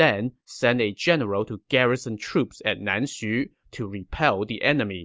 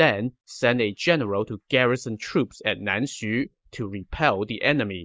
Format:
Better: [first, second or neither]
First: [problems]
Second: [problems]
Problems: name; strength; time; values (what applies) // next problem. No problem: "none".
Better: first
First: none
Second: noise reduction (neural mask model Resemble Enhance denoiser)